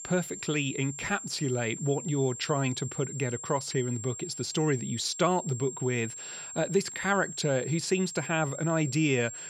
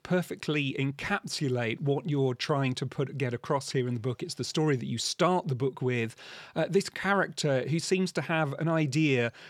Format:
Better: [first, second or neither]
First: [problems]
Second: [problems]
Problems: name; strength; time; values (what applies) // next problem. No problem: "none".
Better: second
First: high-pitched whine; loud; throughout; 7.5 kHz, 9 dB below the speech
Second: none